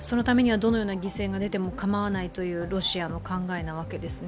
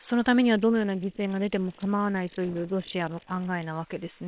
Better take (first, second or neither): first